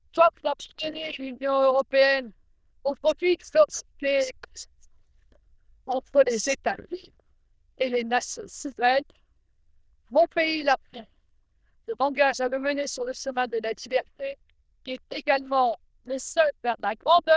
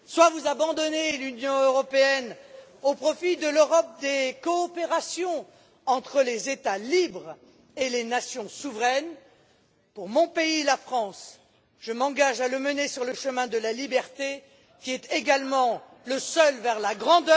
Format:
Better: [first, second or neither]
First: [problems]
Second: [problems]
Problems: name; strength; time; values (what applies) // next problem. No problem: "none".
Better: second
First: noise reduction (neural diffusion model UNIVERSE++)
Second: none